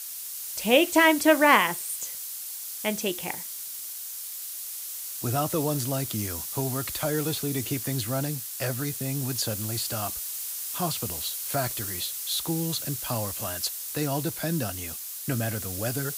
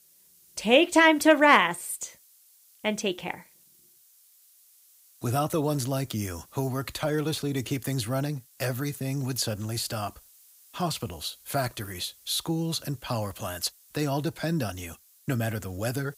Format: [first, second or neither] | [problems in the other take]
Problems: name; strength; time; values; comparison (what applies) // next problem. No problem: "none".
second | hiss; loud; throughout; 5 dB below the speech; faint in the second